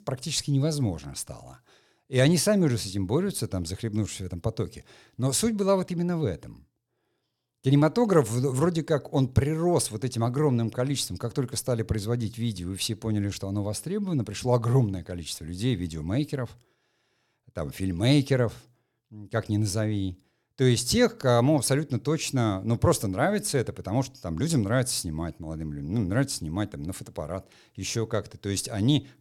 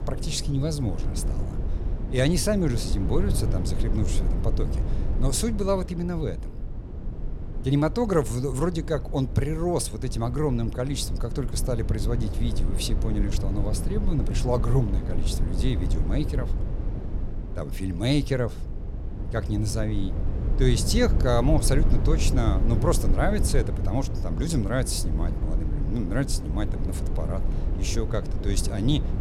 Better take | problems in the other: first | low rumble; noticeable; throughout; 10 dB below the speech

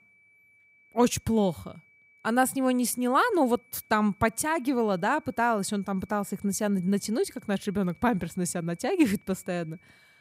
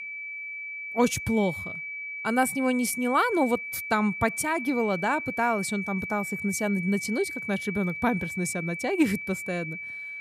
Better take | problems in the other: first | high-pitched whine; loud; throughout; 2.5 kHz, 6 dB below the speech; faint in the first

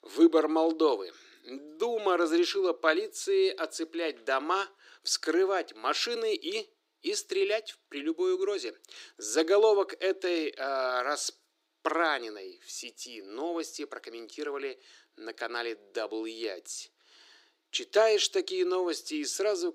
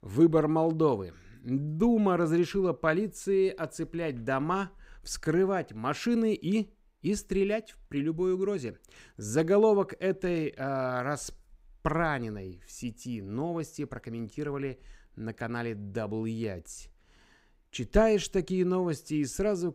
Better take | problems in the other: second | thin; very; fading below 300 Hz

